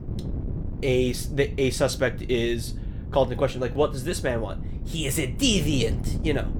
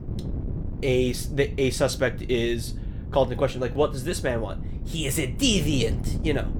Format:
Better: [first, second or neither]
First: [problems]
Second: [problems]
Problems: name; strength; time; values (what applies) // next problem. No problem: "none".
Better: neither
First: wind noise on the microphone; occasional gusts; 15 dB below the speech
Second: wind noise on the microphone; occasional gusts; 15 dB below the speech